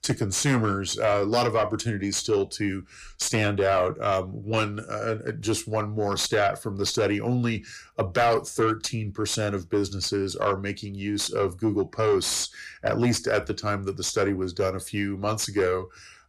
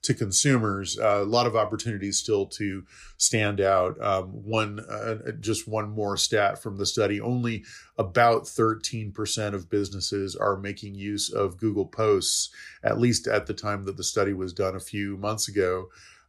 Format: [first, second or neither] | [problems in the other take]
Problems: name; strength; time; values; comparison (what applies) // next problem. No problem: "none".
second | distortion; slight; 10 dB below the speech